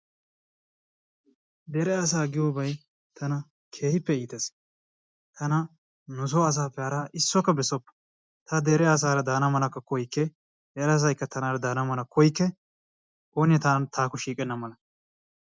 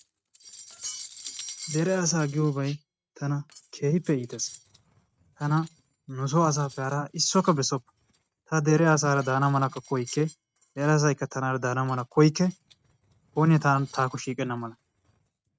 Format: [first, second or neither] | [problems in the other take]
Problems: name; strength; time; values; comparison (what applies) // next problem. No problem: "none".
first | noise reduction (neural mask model RNNoise)